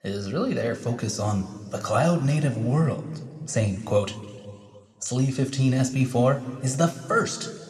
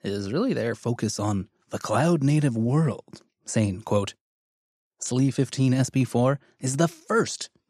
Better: second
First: room echo; very slight; dies away in 2 s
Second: none

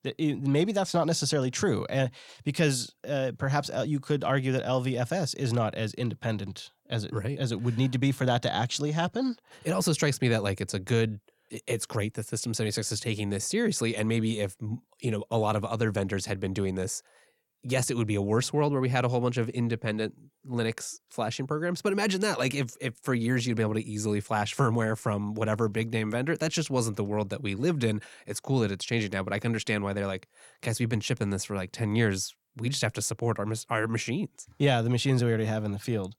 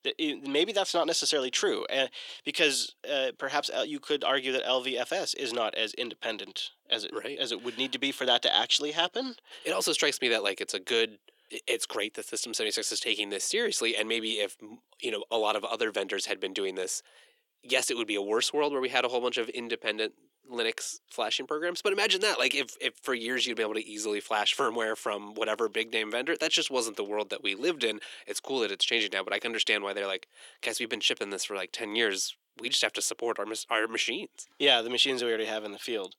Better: first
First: none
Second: thin; somewhat; fading below 350 Hz

